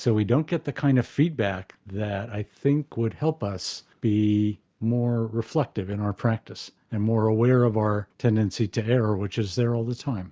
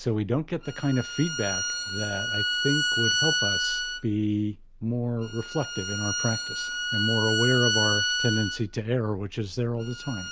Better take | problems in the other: first | background sound (Bowed string instrument); 1 dB below the speech

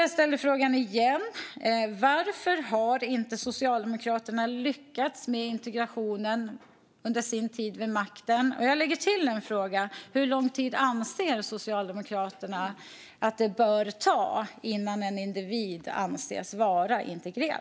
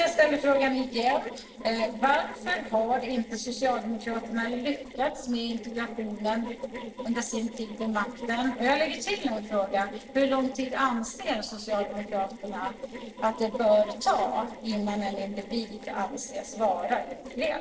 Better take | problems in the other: first | noise reduction (neural separator model SepFormer DNS4)

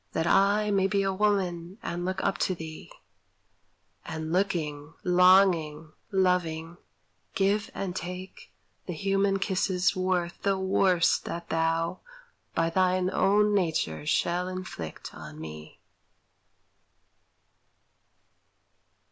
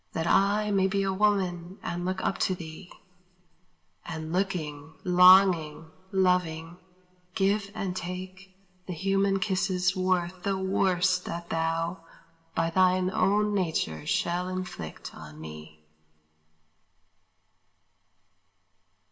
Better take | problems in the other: first | room echo; dies away in 1.3 s

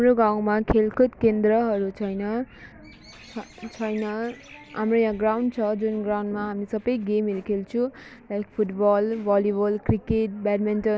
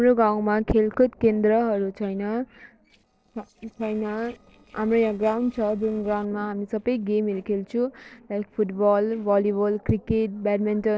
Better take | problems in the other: first | noise reduction (neural separator model SepFormer DNS4)

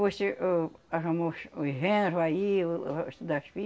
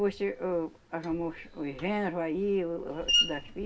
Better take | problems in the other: first | background sound (Screech); 3 dB below the speech // room echo; dies away in 0.3 s

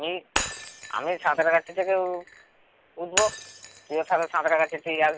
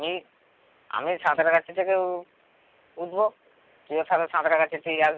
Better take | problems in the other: second | background sound (Shatter); 9 dB below the speech

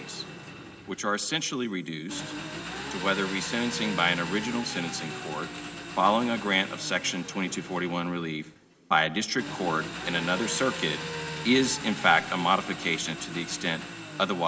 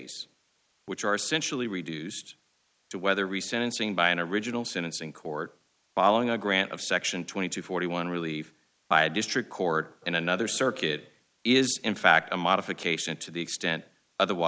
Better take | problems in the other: second | background sound (Engine); 9 dB below the speech // room echo; dies away in 2.8 s

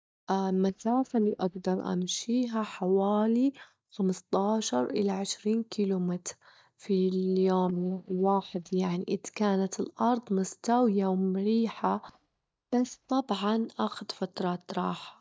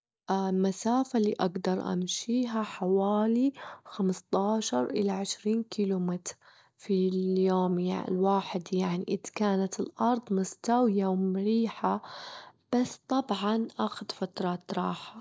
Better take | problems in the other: second | noise reduction (neural mask model DeepFilterNet 3)

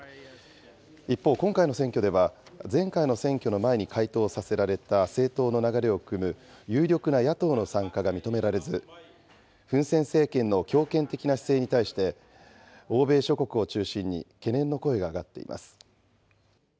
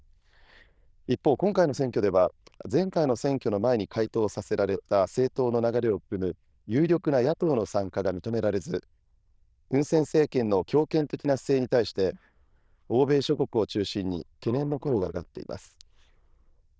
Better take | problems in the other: first | noise reduction (neural diffusion model UNIVERSE++)

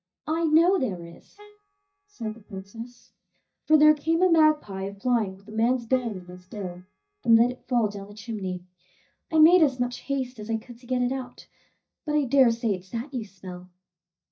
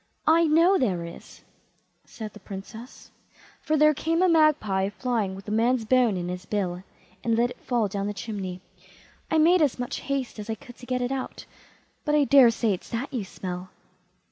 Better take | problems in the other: second | noise reduction (neural mask model DeepFilterNet 3)

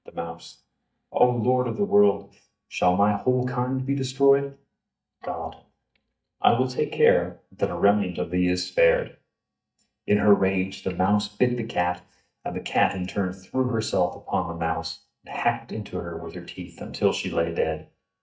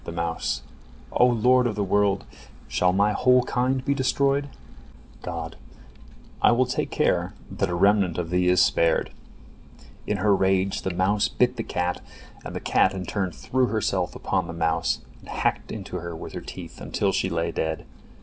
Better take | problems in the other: second | noise reduction (neural mask model DeepFilterNet 3)

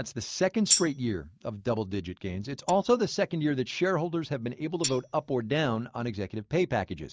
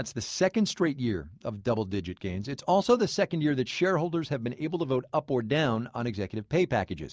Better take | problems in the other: second | noise reduction (neural mask model DeepFilterNet 3)

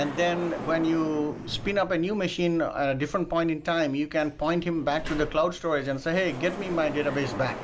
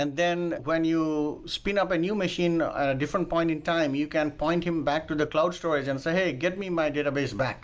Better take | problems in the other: second | background sound (Sliding door); 12 dB below the speech

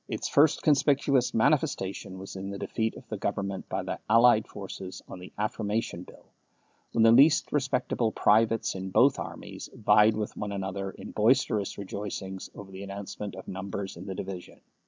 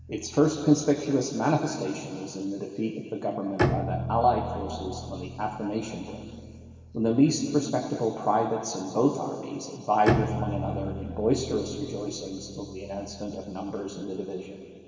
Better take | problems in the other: first | background sound (Bowed string instrument); 8 dB below the speech // room echo; dies away in 2.4 s

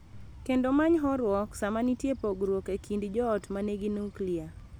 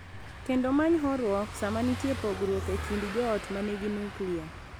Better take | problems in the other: first | background sound (Car passing by / Engine); 10 dB below the speech

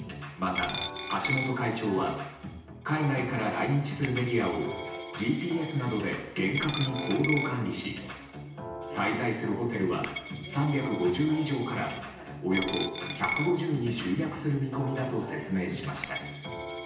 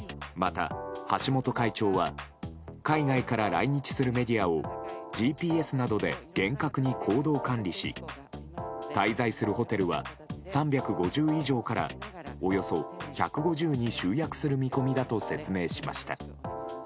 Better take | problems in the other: second | background sound (Coin (dropping)); 10 dB below the speech // room echo; dies away in 0.9 s

